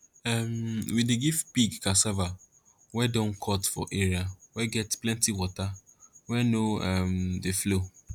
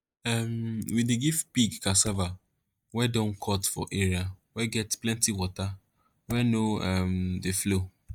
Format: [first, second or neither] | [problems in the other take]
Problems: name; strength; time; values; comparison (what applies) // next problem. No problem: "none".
first | noise reduction (neural mask model DeepFilterNet 3)